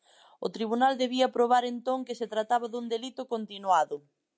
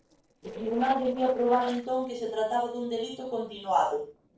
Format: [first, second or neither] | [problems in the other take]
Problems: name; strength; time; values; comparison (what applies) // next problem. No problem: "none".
first | noise reduction (neural separator model SepFormer DNS4)